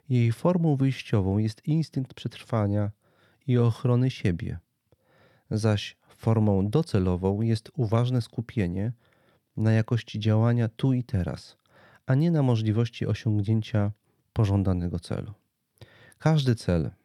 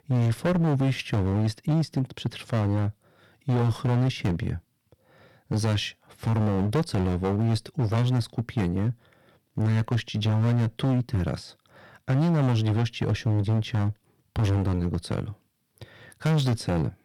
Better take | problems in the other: first | distortion; heavy; 20% of the sound clipped

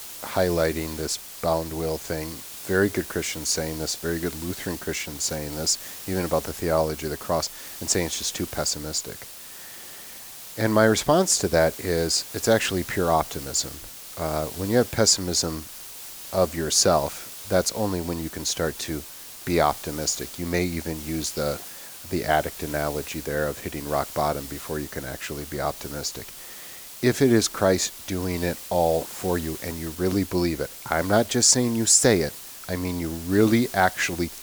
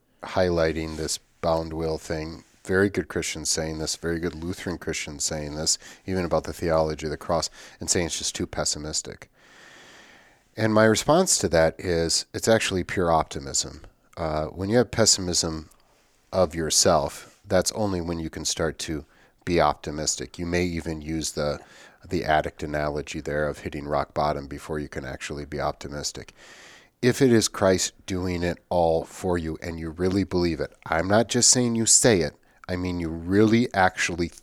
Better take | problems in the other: second | hiss; noticeable; throughout; 10 dB below the speech

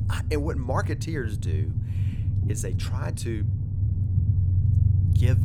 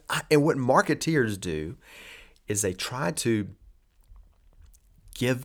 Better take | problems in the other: second | low rumble; loud; throughout; 6 dB below the speech

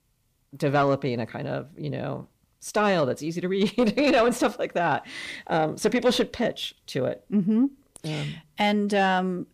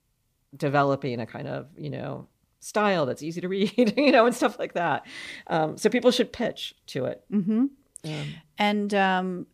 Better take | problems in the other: second | distortion; slight; 10 dB below the speech

